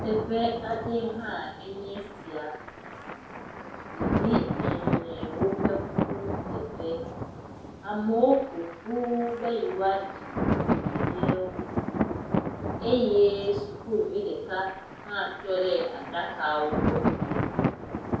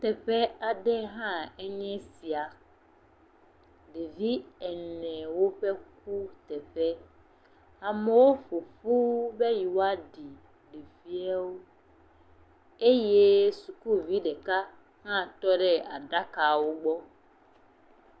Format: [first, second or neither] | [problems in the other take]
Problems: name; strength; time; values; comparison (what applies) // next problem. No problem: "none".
second | background sound (Thunder); 1 dB below the speech // room echo; dies away in 0.5 s